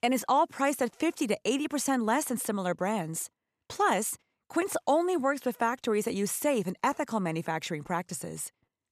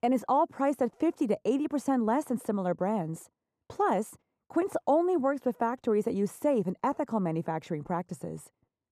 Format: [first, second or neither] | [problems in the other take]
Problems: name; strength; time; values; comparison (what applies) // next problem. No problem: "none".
first | muffled; slightly; fading above 1.5 kHz